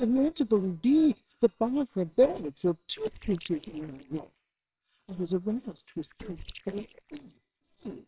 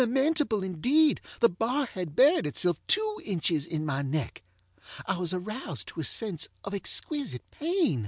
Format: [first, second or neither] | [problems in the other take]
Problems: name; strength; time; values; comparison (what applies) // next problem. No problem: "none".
second | noise reduction (neural separator model SepFormer WHAMR!)